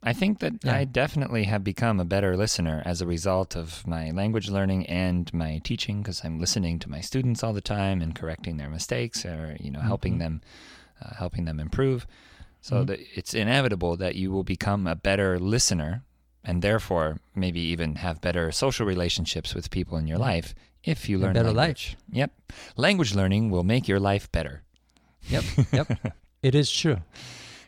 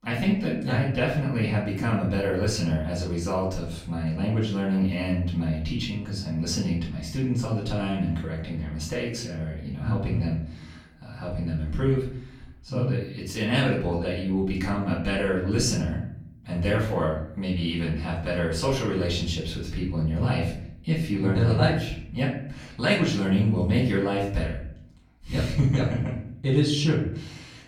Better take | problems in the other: first | off-mic speech; far // room echo; noticeable; dies away in 0.7 s

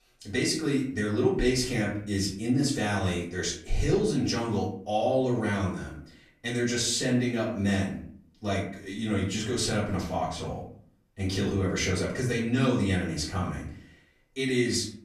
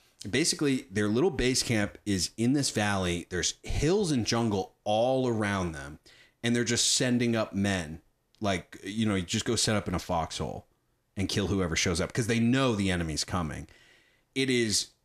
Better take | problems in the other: second | off-mic speech; far // room echo; slight; dies away in 0.5 s

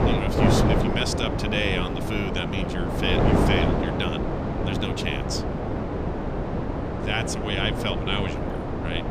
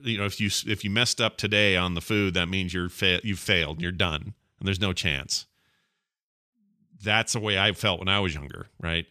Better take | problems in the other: second | wind noise on the microphone; heavy; as loud as the speech

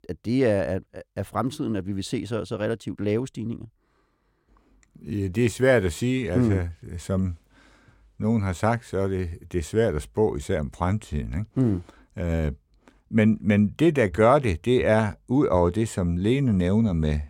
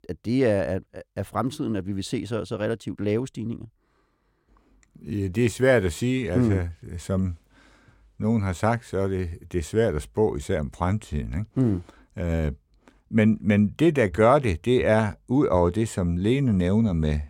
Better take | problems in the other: neither | none

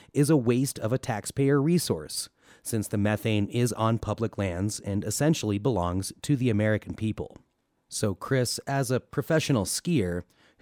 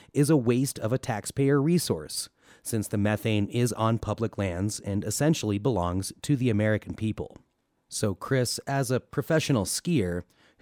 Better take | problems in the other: neither | none

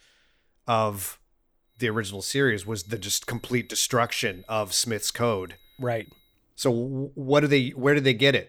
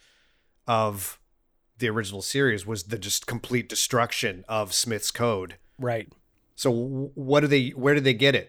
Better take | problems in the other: second | high-pitched whine; faint; from 2 to 6.5 s; 4 kHz, 35 dB below the speech

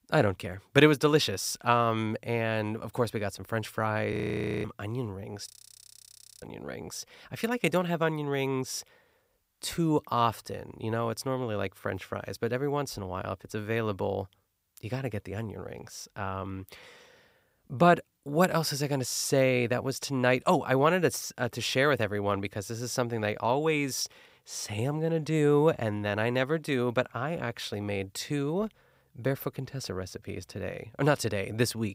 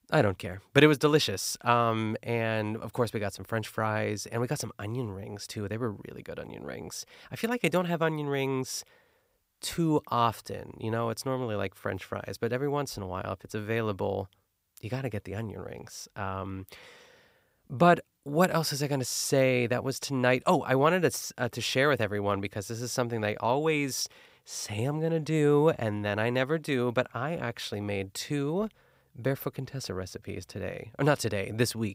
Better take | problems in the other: second | audio freezing; at 4 s for 0.5 s and at 5.5 s for 1 s

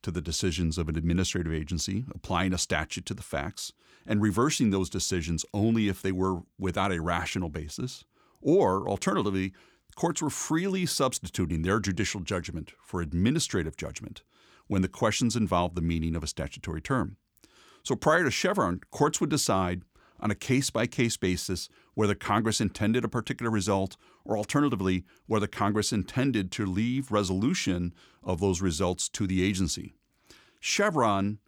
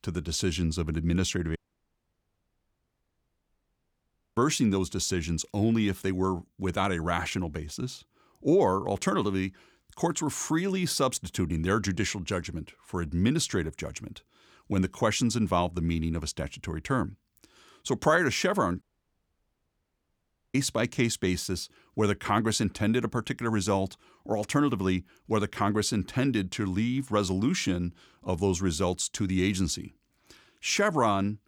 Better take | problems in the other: first | audio cutting out; at 1.5 s for 3 s and at 19 s for 1.5 s

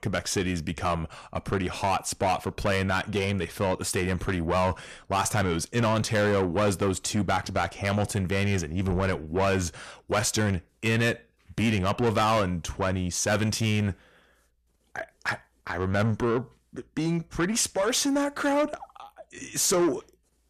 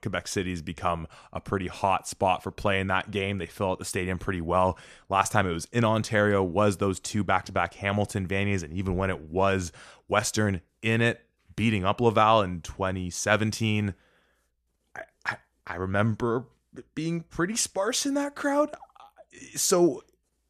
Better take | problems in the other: second | distortion; heavy; 8 dB below the speech

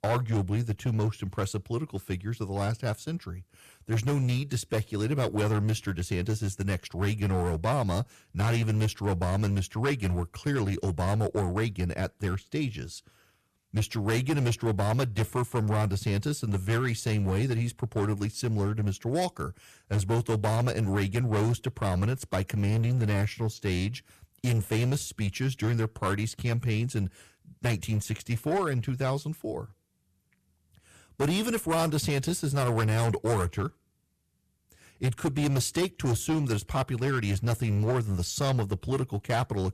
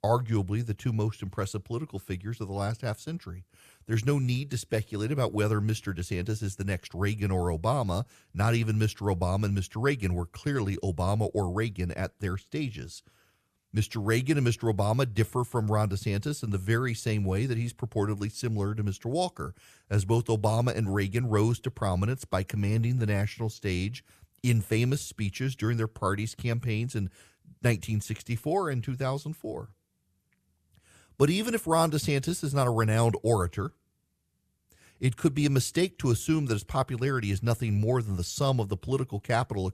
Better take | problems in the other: second | distortion; slight; 12% of the sound clipped

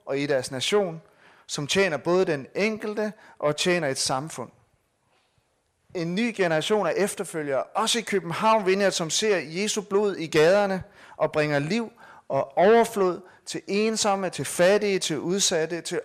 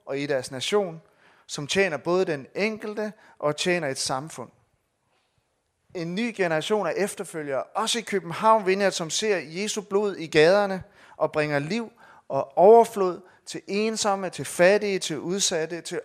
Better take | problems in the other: second | distortion; slight; 10 dB below the speech

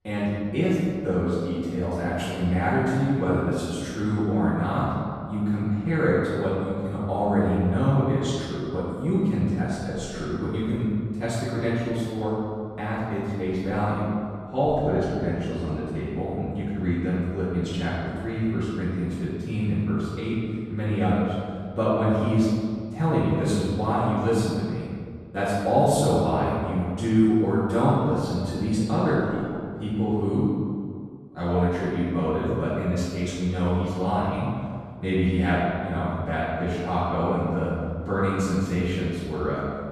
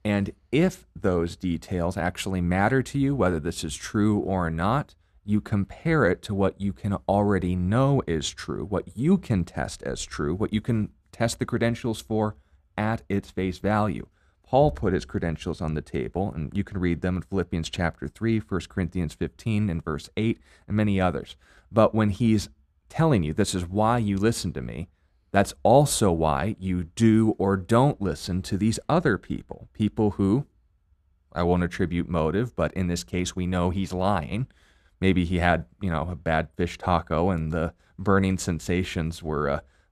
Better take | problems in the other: second | off-mic speech; far // room echo; strong; dies away in 1.9 s

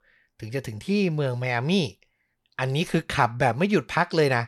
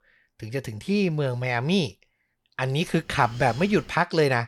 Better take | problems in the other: first | wind noise on the microphone; faint; from 1 to 2 s and from 2.5 to 4 s; 20 dB below the speech

